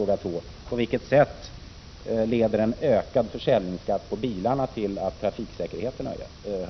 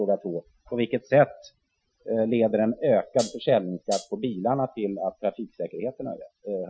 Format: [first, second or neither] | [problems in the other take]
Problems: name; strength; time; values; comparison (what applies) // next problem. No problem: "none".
first | noise reduction (classical method Wiener filter)